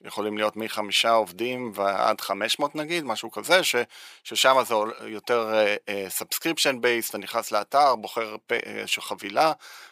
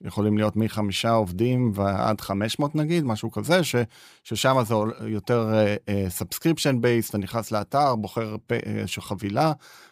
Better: second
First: thin; very; fading below 500 Hz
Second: none

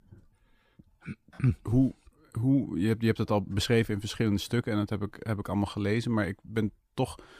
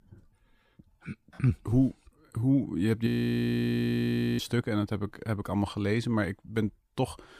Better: first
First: none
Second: audio freezing; at 3 s for 1.5 s

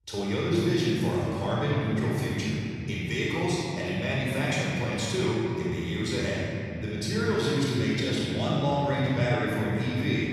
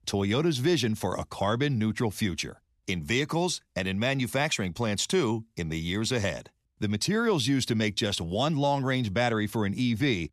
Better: second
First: room echo; strong; dies away in 3 s // off-mic speech; far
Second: none

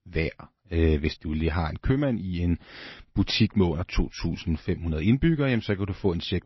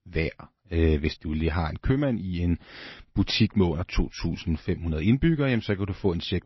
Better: neither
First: garbled, watery; slightly; nothing above 5.5 kHz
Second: garbled, watery; slightly; nothing above 5.5 kHz

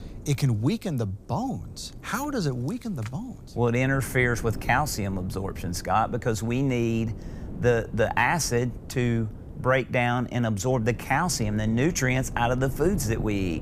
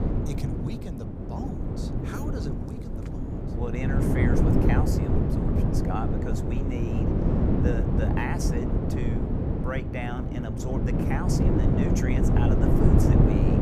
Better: first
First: wind noise on the microphone; occasional gusts; 20 dB below the speech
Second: wind noise on the microphone; heavy; 4 dB above the speech

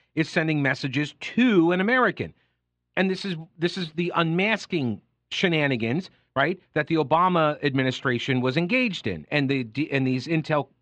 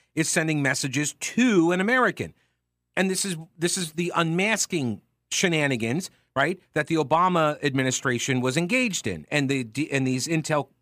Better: second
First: muffled; slightly; fading above 4 kHz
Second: none

